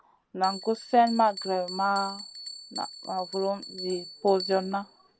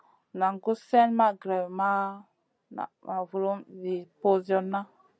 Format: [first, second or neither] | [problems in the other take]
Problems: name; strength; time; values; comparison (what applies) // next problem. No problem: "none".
second | background sound (Bell); 13 dB below the speech